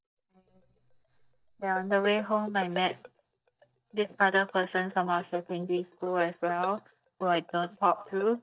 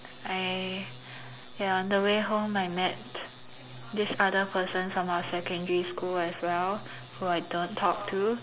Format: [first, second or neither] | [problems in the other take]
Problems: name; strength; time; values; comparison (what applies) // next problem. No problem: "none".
second | noise reduction (neural mask model DeepFilterNet 3)